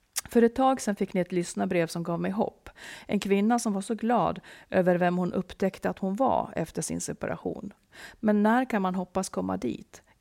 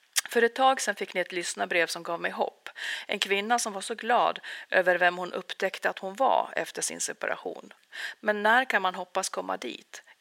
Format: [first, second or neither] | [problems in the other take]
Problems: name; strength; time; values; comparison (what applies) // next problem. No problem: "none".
first | thin; very; fading below 550 Hz